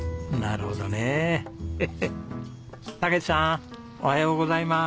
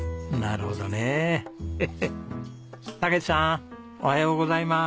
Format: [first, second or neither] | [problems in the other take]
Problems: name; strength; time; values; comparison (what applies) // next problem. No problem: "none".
second | background sound (Rain); 17 dB below the speech